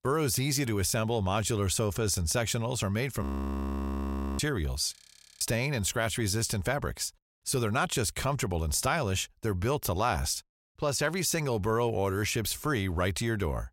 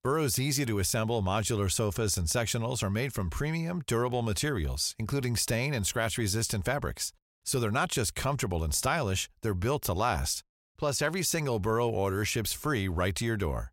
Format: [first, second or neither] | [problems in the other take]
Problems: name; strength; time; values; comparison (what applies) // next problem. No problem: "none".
second | audio freezing; at 3 s for 1 s and at 5 s